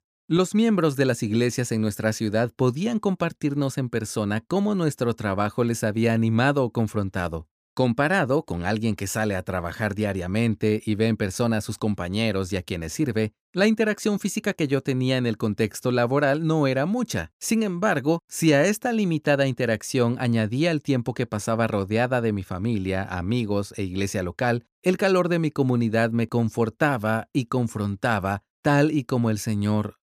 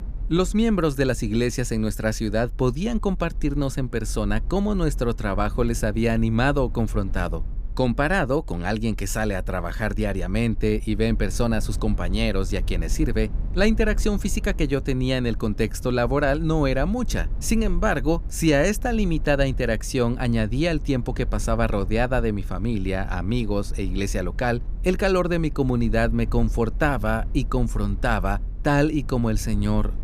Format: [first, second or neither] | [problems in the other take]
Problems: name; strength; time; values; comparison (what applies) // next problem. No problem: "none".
first | low rumble; faint; throughout; 25 dB below the speech